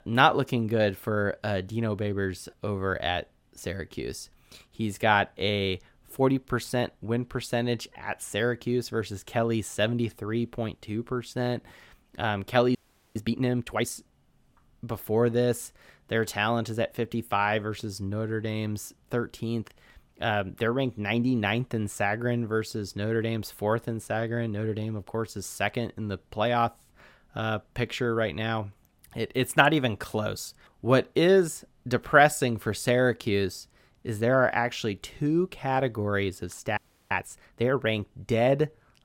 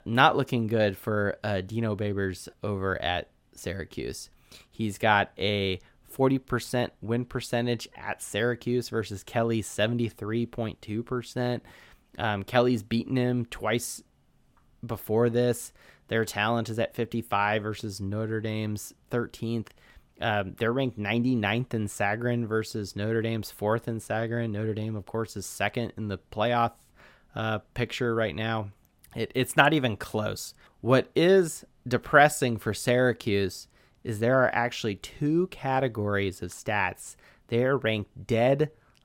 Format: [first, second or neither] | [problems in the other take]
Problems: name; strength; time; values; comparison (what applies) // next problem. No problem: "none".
second | audio freezing; at 13 s and at 37 s